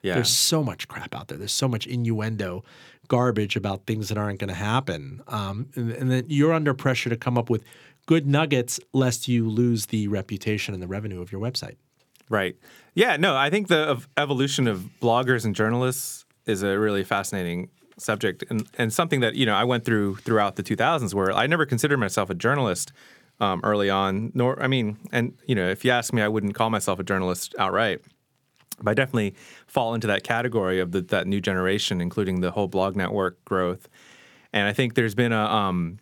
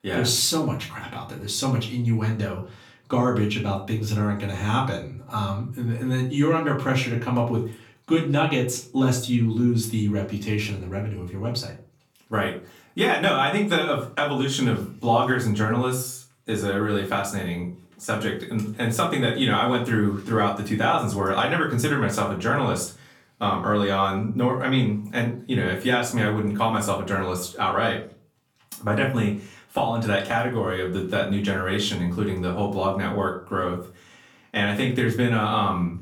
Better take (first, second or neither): first